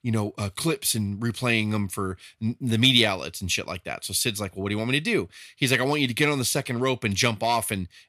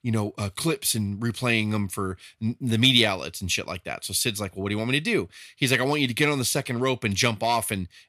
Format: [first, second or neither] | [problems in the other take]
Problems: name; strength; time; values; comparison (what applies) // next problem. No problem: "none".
neither | none